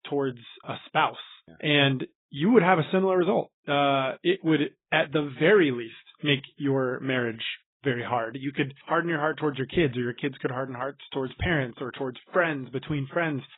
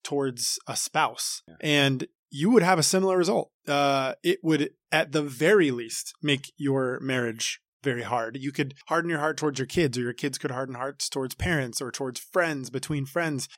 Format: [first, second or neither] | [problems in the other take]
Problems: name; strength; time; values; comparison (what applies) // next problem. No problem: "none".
second | garbled, watery; badly; nothing above 3.5 kHz